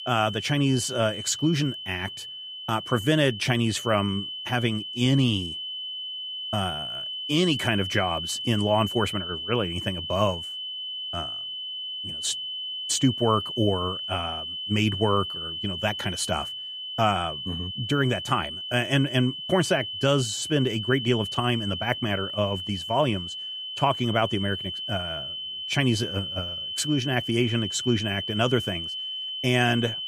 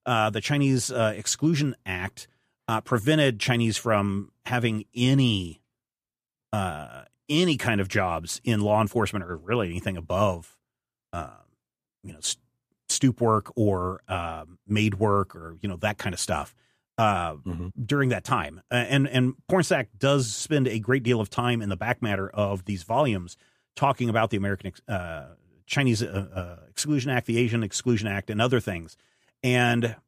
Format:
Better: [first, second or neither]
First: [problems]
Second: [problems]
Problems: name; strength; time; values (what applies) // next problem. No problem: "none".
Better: second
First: high-pitched whine; loud; throughout; 3 kHz, 5 dB below the speech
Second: none